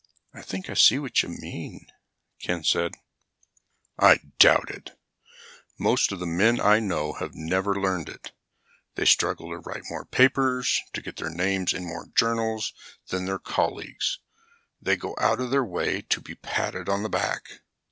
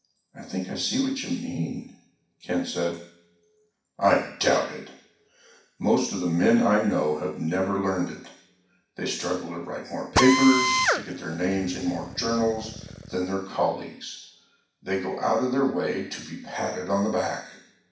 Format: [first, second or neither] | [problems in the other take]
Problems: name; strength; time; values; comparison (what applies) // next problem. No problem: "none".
first | background sound (Drill); 1 dB below the speech // room echo; dies away in 0.6 s